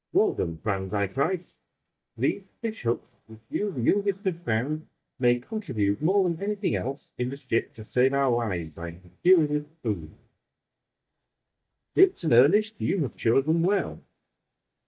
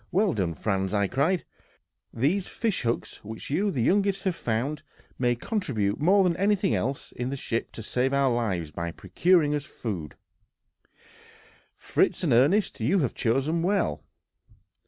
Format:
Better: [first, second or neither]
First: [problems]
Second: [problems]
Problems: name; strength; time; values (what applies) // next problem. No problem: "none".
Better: second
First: noise reduction (neural mask model DeepFilterNet 3)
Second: none